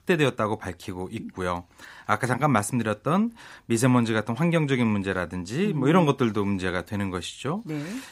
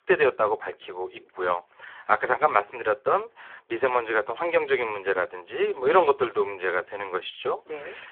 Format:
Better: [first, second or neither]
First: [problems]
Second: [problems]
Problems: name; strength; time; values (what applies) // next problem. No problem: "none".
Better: first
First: none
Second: phone-call audio; poor line